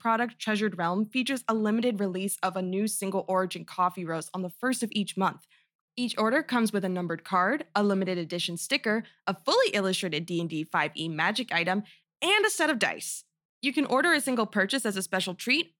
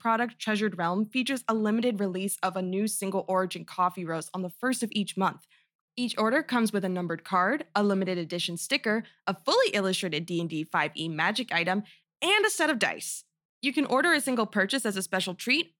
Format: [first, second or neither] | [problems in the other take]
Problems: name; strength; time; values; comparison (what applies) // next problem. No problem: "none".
neither | none